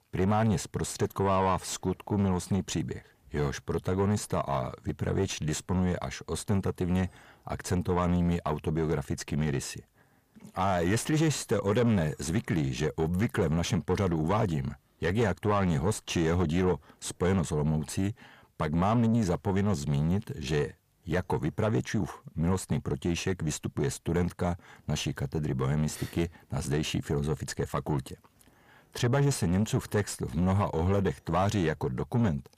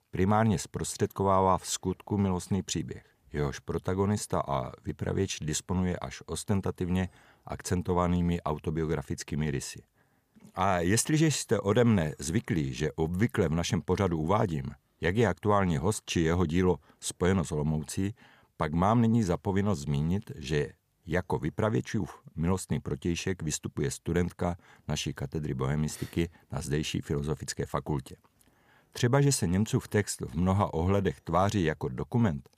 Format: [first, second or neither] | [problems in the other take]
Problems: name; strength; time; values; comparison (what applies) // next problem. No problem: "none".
second | distortion; slight; 10 dB below the speech